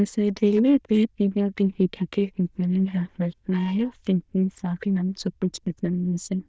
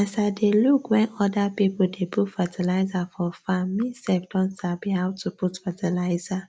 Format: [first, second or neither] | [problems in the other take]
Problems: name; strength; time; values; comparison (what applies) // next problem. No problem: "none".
second | noise reduction (neural diffusion model UNIVERSE++)